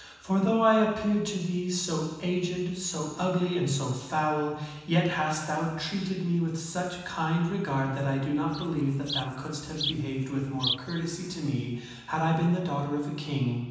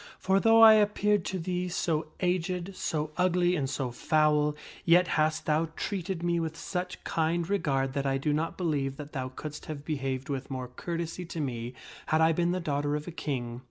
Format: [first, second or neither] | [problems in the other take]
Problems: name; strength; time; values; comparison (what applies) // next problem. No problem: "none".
second | background sound (Insect); 9 dB below the speech // room echo; dies away in 1.1 s